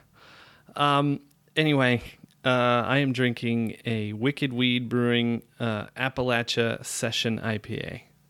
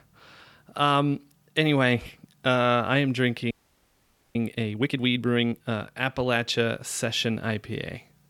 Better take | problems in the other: first | audio freezing; at 3.5 s for 1 s

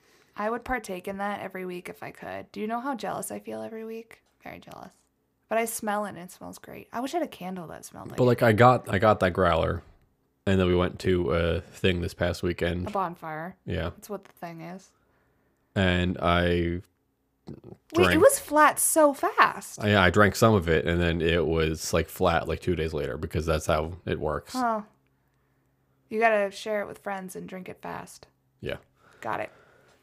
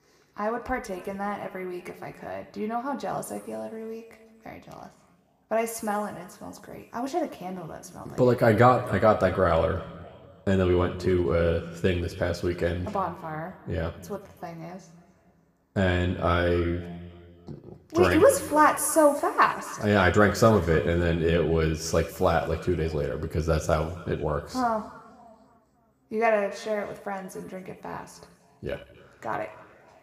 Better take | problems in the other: first | room echo; slight; dies away in 1.4 s

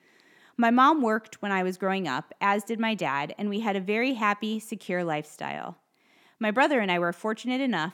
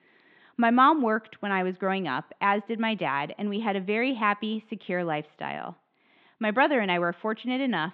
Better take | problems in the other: first | muffled; very slightly; fading above 3.5 kHz

